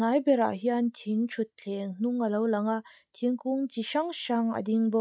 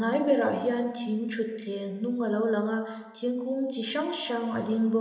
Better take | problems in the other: first | room echo; dies away in 1.4 s

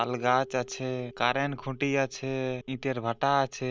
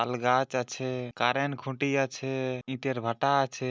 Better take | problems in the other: second | noise reduction (neural mask model DeepFilterNet 3)

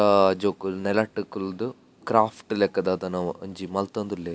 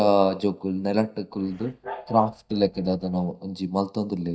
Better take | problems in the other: first | noise reduction (neural mask model DeepFilterNet 3)

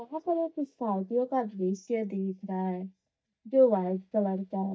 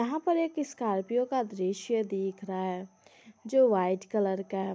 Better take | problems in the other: second | noise reduction (neural mask model DeepFilterNet 3)

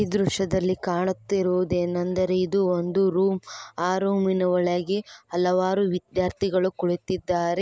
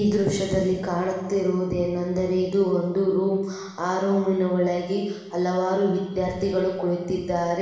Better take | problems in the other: first | room echo; dies away in 1.2 s

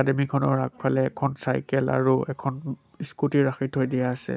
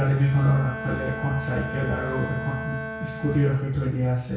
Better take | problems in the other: first | background sound (Bowed string instrument); 10 dB below the speech // room echo; dies away in 0.6 s

